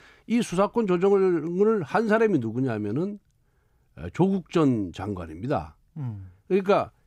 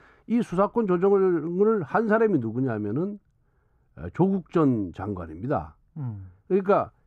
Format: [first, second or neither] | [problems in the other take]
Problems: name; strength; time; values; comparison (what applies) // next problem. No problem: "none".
first | muffled; slightly; fading above 2 kHz